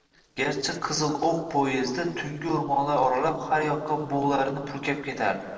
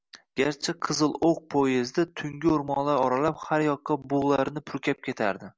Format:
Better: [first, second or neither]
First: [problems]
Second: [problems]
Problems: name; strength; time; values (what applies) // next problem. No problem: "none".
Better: second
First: noise reduction (neural separator model SepFormer DNS4)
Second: none